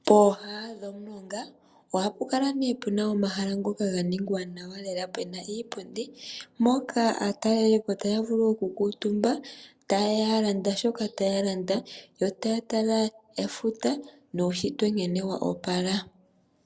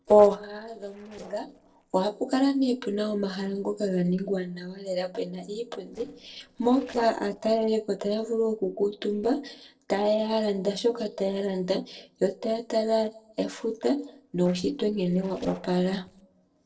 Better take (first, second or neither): first